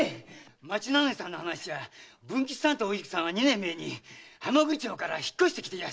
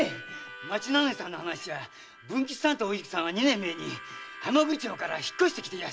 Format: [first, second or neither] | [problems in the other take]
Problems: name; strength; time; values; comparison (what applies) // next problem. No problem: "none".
first | background sound (Harmonica); 16 dB below the speech